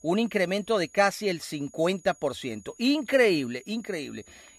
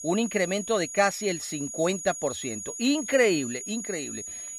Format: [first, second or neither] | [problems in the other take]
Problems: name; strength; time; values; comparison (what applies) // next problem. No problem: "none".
first | high-pitched whine; loud; throughout; 6.5 kHz, 8 dB below the speech; faint in the first